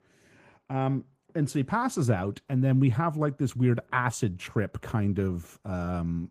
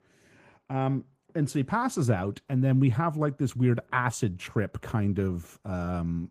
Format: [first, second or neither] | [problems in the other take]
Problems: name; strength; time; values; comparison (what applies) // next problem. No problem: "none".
neither | garbled, watery; slightly; nothing above 15 kHz; the same in both